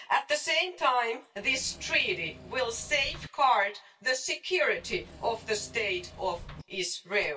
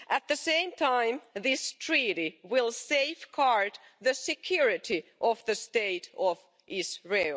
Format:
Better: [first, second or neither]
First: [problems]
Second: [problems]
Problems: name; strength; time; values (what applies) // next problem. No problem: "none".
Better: second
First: background sound (Engine / Mechanisms); 17 dB below the speech // room echo; dies away in 0.2 s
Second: none